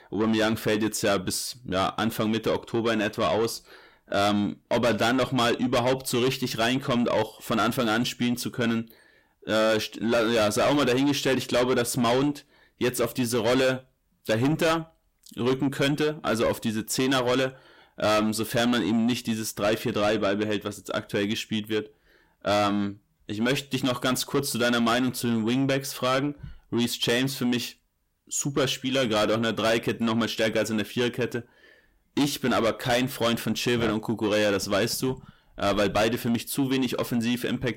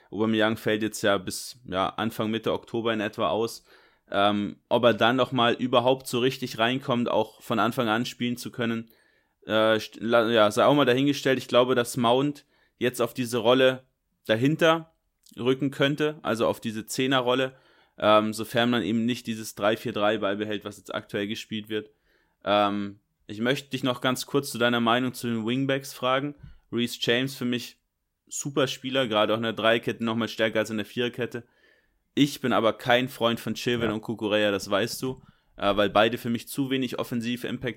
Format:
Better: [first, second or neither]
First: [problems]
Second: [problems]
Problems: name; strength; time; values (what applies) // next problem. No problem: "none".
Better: second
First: distortion; heavy; 7 dB below the speech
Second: none